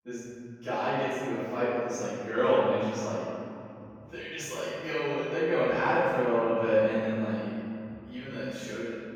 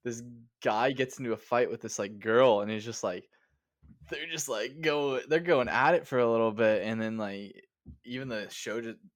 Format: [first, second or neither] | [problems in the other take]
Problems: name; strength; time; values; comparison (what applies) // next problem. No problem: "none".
second | off-mic speech; far // room echo; strong; dies away in 3 s